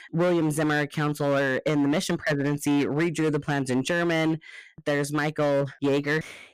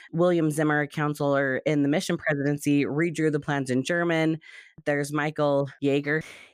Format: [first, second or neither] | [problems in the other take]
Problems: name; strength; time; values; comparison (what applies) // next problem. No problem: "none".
second | distortion; slight; 13% of the sound clipped